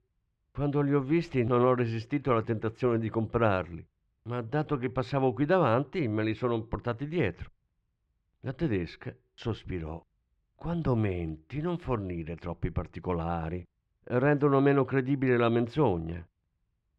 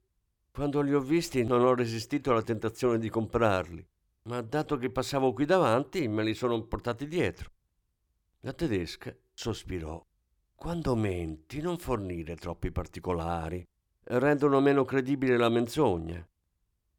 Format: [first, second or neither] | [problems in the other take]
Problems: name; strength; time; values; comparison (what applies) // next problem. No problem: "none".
second | muffled; slightly; fading above 2.5 kHz